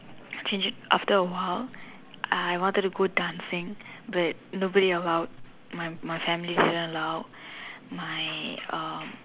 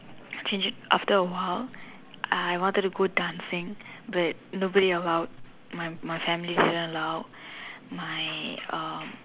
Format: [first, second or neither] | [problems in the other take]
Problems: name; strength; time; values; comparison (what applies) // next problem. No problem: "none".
first | background sound (Tap / Glass); 15 dB below the speech